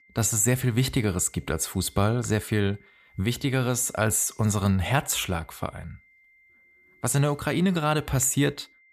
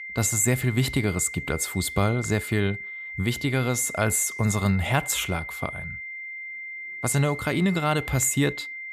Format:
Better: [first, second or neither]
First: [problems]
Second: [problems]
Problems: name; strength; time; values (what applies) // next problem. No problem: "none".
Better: first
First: high-pitched whine; faint; throughout; 2 kHz, 30 dB below the speech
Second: high-pitched whine; loud; throughout; 2 kHz, 9 dB below the speech